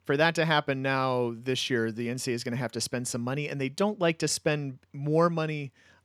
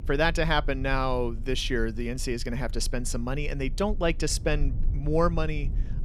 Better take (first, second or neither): first